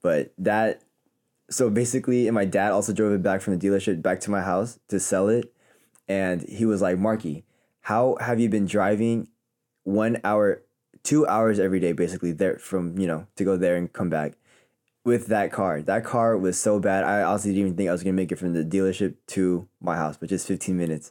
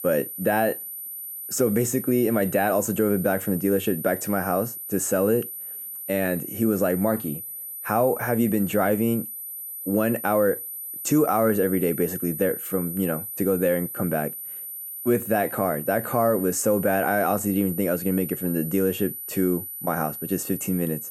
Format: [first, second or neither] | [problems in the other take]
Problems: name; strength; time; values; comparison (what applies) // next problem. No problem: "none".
first | high-pitched whine; loud; throughout; 12 kHz, 8 dB below the speech